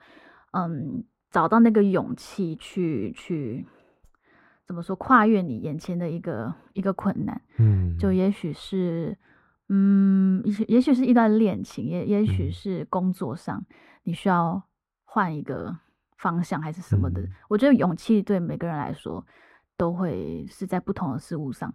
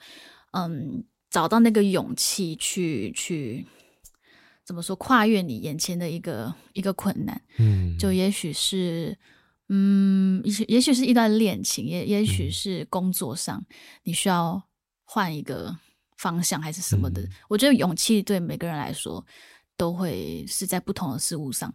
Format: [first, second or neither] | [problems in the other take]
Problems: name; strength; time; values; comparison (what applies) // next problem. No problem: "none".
second | muffled; very; fading above 3 kHz